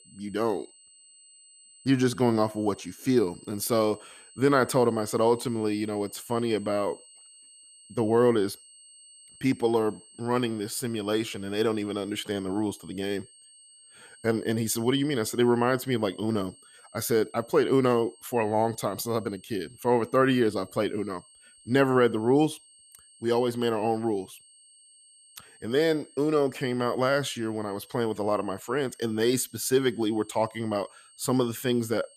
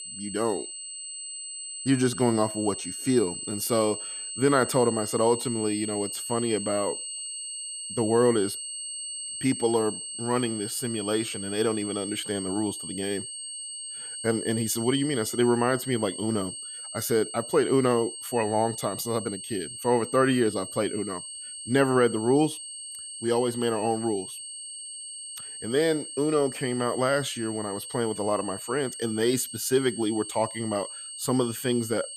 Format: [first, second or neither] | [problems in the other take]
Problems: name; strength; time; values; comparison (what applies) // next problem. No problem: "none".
first | high-pitched whine; loud; throughout; 8.5 kHz, 8 dB below the speech; faint in the first